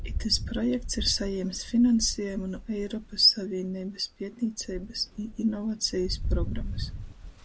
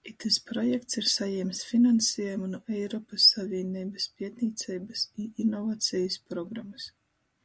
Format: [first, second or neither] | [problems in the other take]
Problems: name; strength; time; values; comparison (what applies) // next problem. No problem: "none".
second | background sound (Rain); 6 dB below the speech